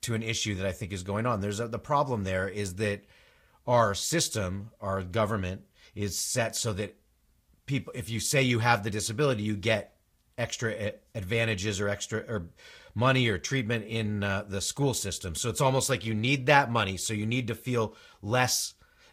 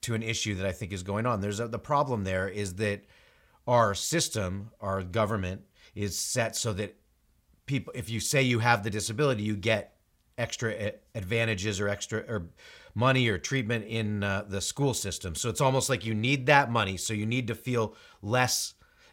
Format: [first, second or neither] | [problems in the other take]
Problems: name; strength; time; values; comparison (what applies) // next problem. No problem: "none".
second | garbled, watery; slightly; nothing above 15 kHz